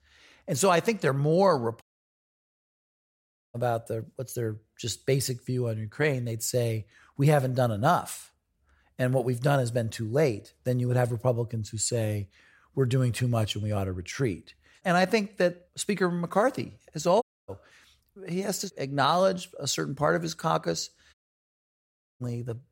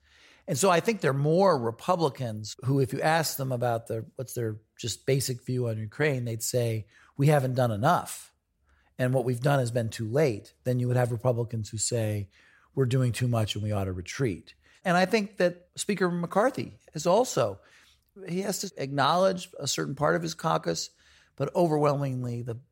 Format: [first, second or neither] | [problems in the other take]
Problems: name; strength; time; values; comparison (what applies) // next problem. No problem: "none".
second | audio cutting out; at 2 s for 1.5 s, at 17 s and at 21 s for 1 s